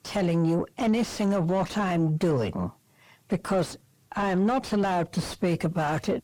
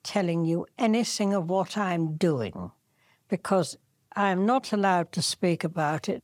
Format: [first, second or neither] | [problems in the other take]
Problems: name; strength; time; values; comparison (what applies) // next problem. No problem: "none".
second | distortion; heavy; 7 dB below the speech